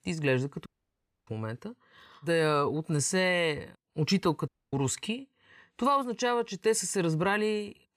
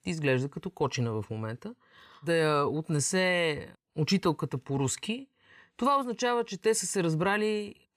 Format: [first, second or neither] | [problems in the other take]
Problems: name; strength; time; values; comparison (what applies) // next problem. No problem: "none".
second | audio cutting out; at 0.5 s for 0.5 s and at 4.5 s